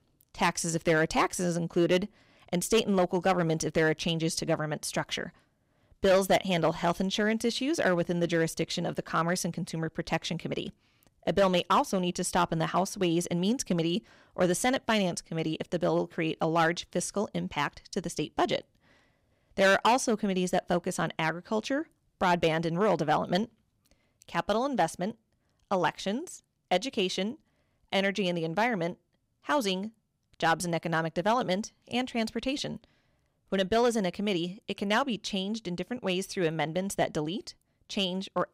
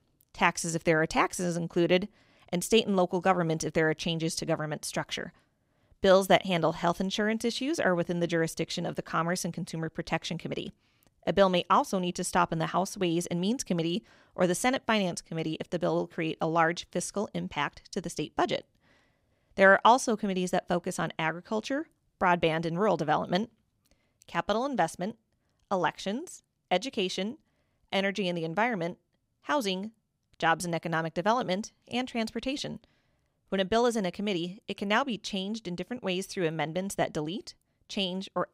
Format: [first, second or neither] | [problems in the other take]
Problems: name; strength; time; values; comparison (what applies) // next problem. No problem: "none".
second | distortion; slight; 2% of the sound clipped